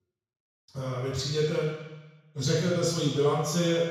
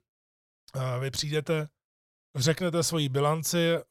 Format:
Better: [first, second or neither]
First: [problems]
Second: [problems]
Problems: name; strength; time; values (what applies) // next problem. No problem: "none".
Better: second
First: room echo; strong; dies away in 1.1 s // off-mic speech; far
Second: none